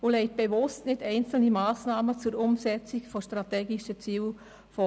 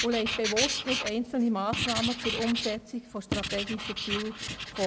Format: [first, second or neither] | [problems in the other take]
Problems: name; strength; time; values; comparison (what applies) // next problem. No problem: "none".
first | background sound (Writing); 2 dB below the speech